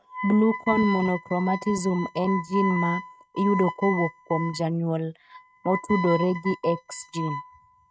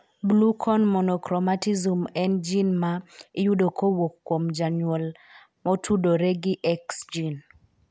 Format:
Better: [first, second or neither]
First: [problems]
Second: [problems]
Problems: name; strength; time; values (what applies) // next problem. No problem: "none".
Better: second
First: noise reduction (neural mask model RNNoise)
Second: none